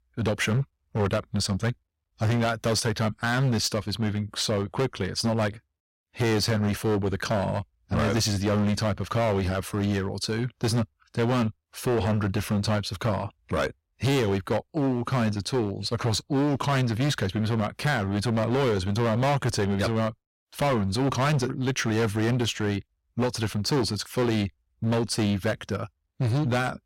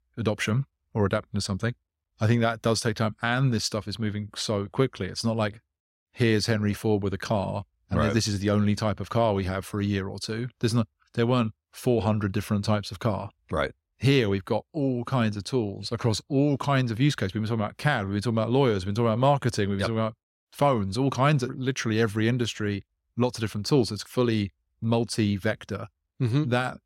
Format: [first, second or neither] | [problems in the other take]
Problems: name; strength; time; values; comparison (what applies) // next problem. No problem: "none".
second | distortion; heavy; 17% of the sound clipped